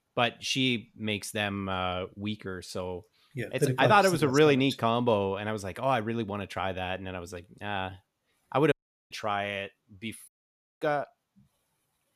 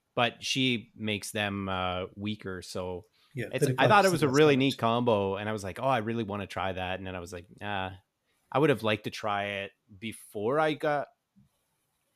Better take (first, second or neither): second